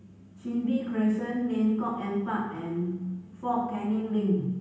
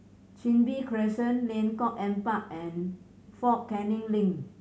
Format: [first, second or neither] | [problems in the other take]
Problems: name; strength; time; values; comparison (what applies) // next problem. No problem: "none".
second | room echo; dies away in 0.9 s